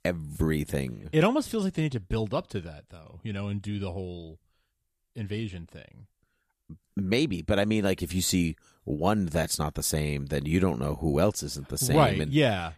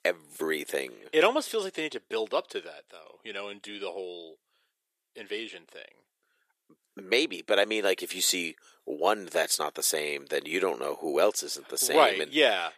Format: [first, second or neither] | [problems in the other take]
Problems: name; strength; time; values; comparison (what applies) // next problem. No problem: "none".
first | thin; very; fading below 400 Hz